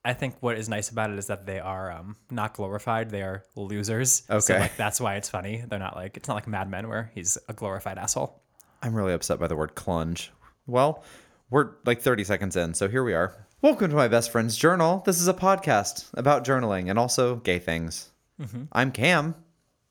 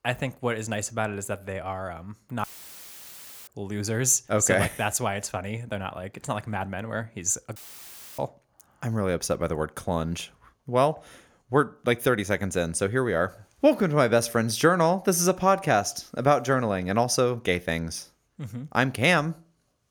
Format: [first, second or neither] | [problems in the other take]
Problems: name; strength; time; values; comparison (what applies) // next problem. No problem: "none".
first | audio cutting out; filled with static; at 2.5 s for 1 s and at 7.5 s for 0.5 s